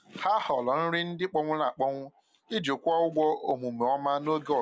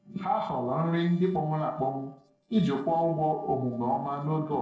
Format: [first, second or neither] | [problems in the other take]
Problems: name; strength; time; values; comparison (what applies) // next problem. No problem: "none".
first | noise reduction (neural separator model SepFormer DNS4)